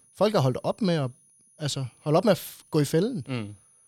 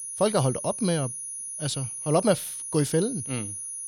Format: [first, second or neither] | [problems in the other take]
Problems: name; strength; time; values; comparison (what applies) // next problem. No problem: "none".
first | high-pitched whine; loud; throughout; 10.5 kHz, 6 dB below the speech; faint in the first